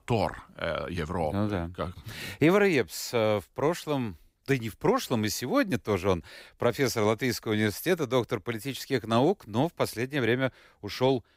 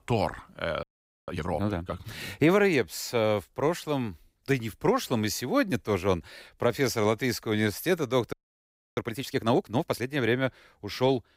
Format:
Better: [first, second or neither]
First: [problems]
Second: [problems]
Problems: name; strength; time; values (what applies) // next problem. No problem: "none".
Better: first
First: none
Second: audio freezing; at 1 s and at 8.5 s for 0.5 s